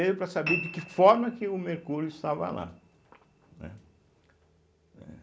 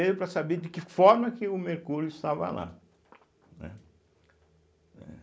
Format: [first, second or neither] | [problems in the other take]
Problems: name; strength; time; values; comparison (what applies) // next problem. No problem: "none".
second | background sound (Piano); 12 dB below the speech